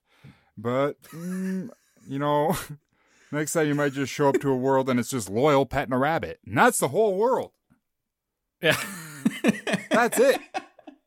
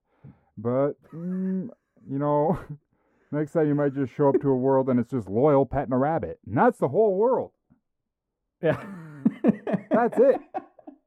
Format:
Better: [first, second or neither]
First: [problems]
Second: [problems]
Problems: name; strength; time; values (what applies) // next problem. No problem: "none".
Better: first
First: none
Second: muffled; very; fading above 2 kHz